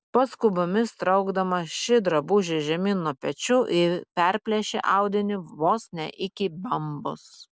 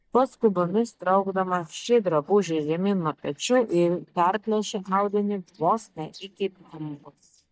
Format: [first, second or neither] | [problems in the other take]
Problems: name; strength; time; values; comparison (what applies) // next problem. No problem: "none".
first | noise reduction (neural mask model DeepFilterNet 3)